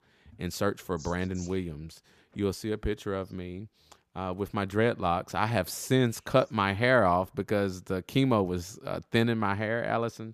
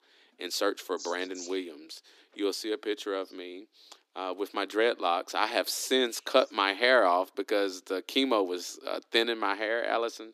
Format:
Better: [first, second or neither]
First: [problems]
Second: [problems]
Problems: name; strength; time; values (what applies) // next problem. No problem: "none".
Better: first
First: none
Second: thin; somewhat; fading below 300 Hz